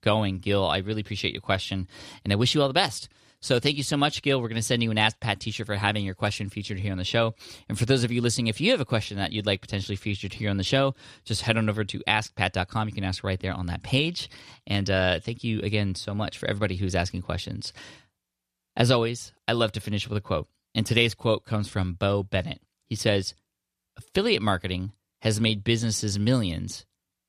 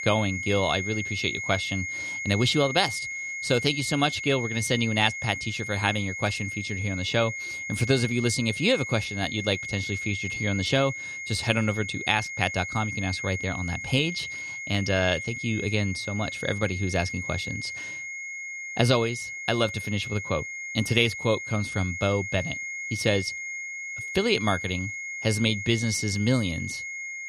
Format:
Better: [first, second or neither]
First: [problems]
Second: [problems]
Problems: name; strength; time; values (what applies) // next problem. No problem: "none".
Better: first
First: none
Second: high-pitched whine; loud; throughout; 2 kHz, 6 dB below the speech